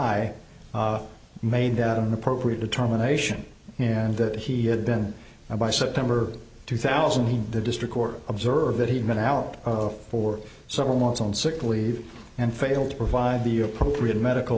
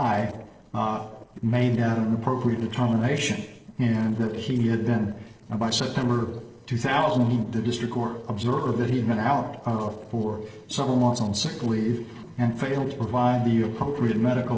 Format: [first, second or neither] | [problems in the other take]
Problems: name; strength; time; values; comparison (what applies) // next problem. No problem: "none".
first | noise reduction (neural separator model SepFormer DNS4)